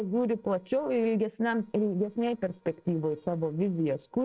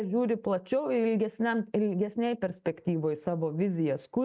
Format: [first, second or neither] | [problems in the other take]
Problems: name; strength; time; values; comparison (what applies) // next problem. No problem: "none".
second | noise reduction (neural separator model SepFormer DNS4)